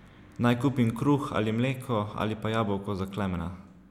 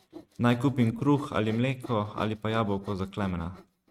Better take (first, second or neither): first